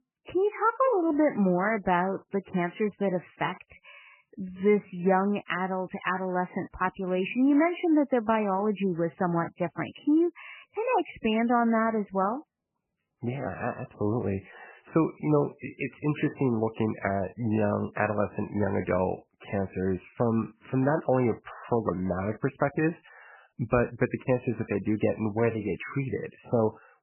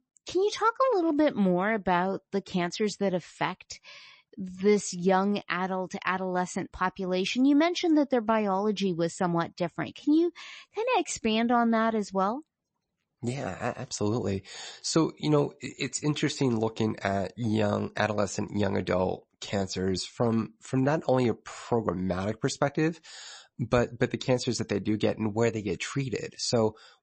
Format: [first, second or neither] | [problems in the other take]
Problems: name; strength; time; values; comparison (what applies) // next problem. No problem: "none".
second | garbled, watery; badly; nothing above 3 kHz; slightly in the second